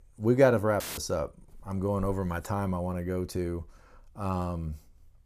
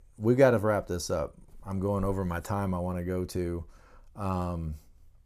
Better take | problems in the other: second | audio cutting out; filled with static; at 1 s

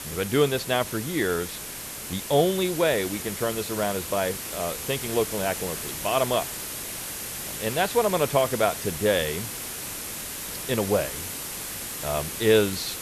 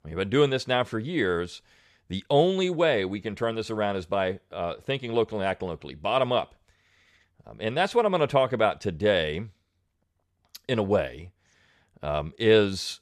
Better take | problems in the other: second | hiss; loud; throughout; 6 dB below the speech

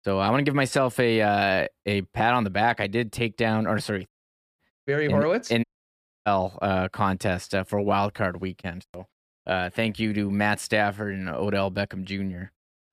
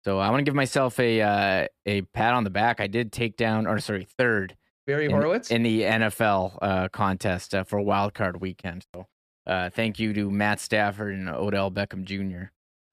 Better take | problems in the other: second | audio cutting out; at 4 s for 0.5 s and at 5.5 s for 0.5 s

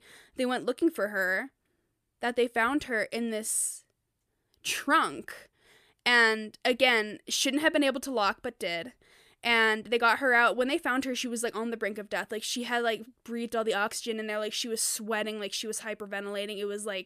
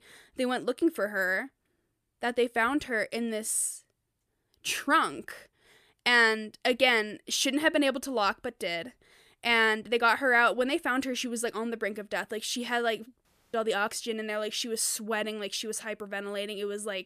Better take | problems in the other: first | audio cutting out; at 13 s

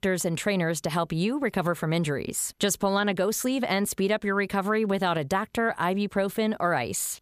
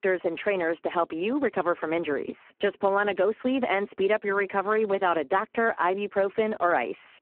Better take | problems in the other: first | phone-call audio; poor line

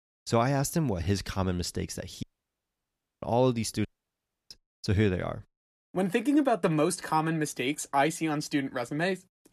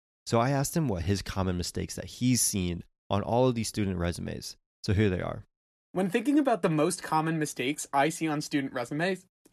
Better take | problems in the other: second | audio cutting out; at 2 s for 1 s and at 4 s for 0.5 s

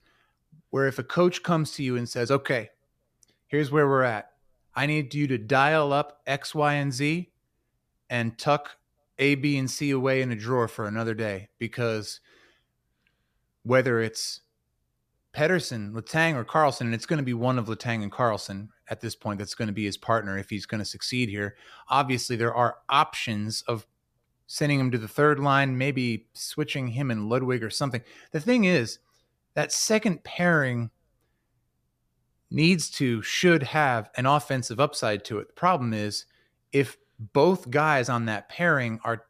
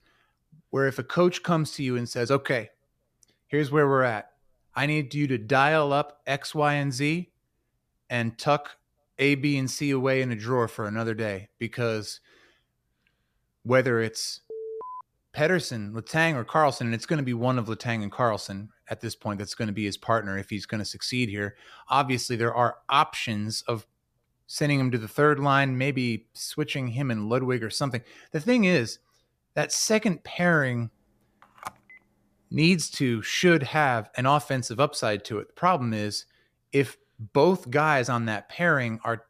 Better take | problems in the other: first | alarm; faint; at 15 s; peak 10 dB below the speech // phone ringing; faint; from 31 to 33 s; peak 15 dB below the speech

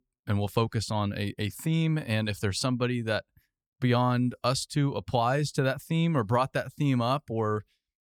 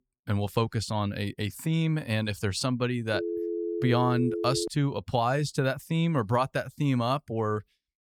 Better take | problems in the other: first | phone ringing; noticeable; from 3 to 4.5 s; peak 3 dB below the speech

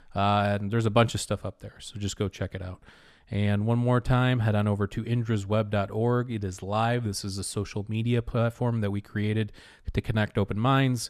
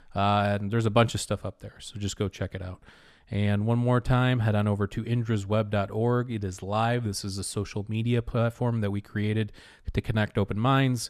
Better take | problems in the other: neither | none

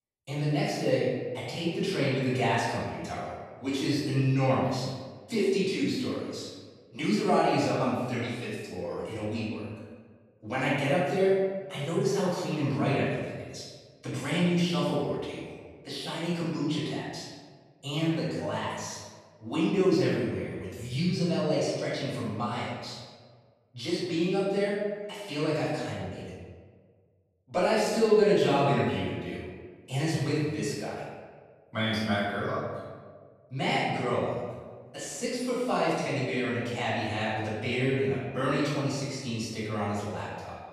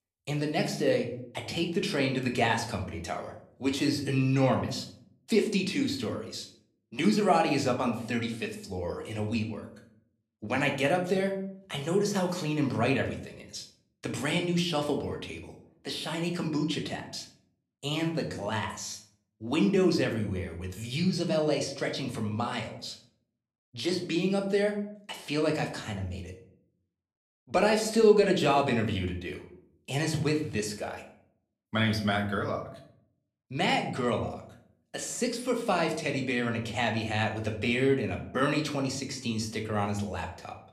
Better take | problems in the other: second | room echo; strong; dies away in 1.3 s; slight in the second // off-mic speech; far

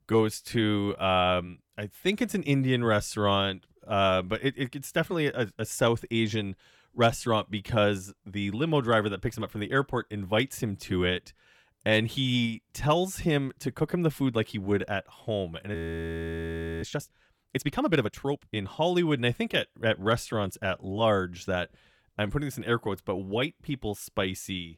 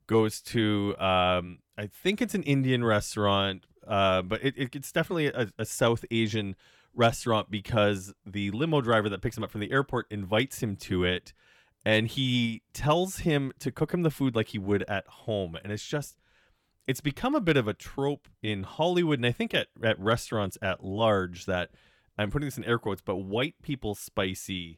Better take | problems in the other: second | audio freezing; at 16 s for 1 s

